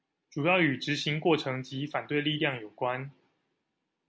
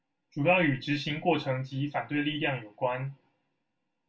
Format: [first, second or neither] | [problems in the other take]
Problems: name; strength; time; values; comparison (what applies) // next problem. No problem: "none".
first | room echo; dies away in 0.1 s